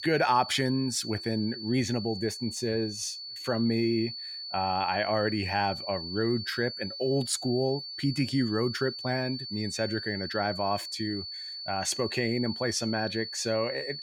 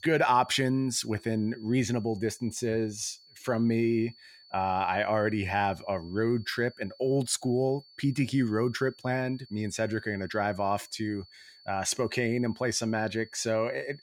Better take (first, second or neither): second